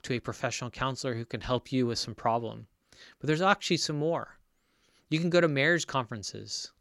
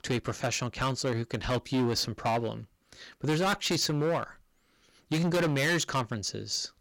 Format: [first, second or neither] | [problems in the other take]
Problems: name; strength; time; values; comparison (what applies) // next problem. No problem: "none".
first | distortion; heavy; 12% of the sound clipped